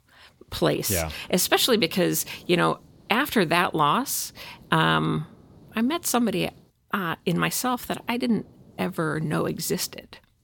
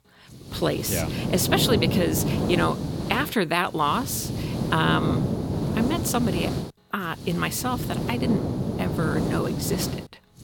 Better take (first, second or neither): first